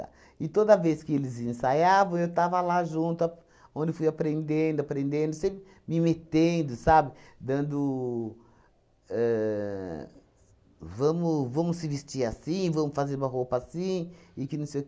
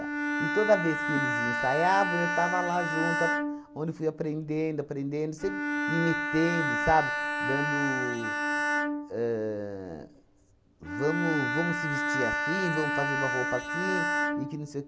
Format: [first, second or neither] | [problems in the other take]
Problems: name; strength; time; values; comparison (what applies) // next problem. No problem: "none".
first | background sound (Bowed string instrument); as loud as the speech